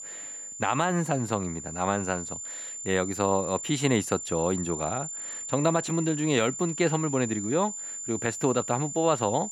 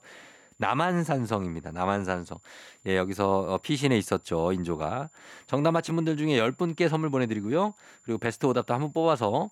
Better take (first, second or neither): second